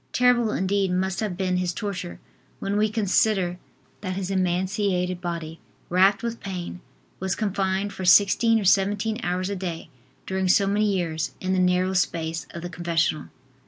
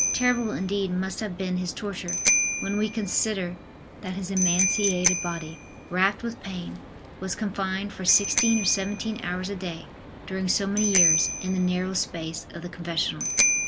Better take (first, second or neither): first